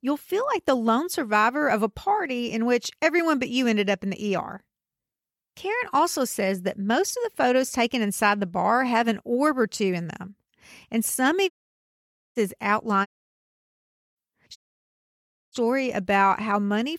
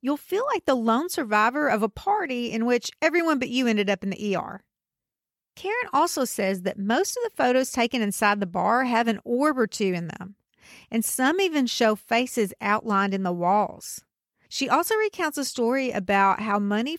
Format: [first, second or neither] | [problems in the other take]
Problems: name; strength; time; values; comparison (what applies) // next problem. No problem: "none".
second | audio cutting out; at 12 s for 1 s, at 13 s for 1 s and at 15 s for 1 s